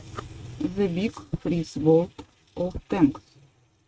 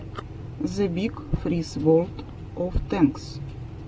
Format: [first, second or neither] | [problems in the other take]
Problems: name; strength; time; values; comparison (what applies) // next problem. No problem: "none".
second | noise reduction (neural mask model RNNoise)